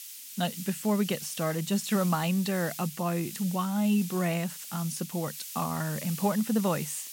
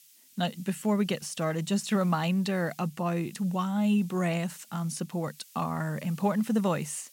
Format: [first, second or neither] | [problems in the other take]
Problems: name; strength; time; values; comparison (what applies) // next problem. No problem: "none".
second | hiss; loud; throughout; 9 dB below the speech; faint in the second